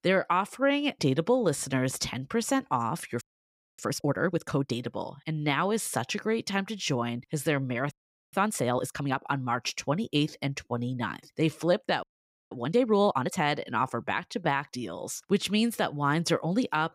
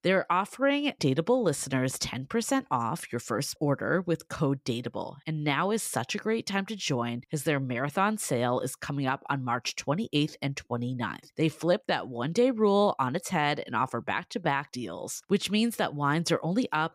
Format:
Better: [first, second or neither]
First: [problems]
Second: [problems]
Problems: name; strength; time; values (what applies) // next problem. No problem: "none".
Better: second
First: audio freezing; at 3 s for 0.5 s, at 8 s and at 12 s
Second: none